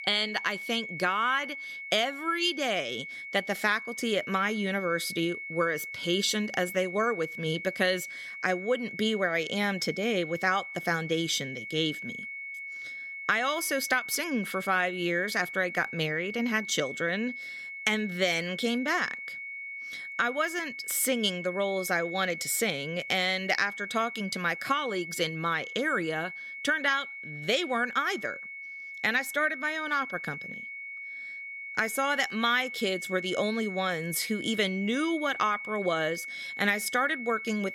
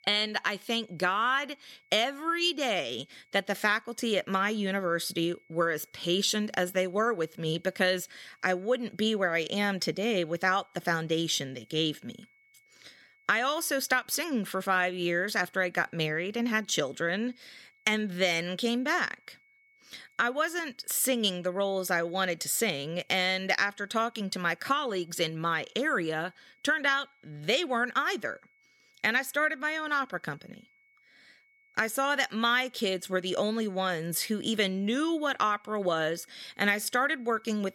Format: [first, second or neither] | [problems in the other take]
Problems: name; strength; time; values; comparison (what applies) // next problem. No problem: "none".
second | high-pitched whine; loud; throughout; 2 kHz, 8 dB below the speech; faint in the second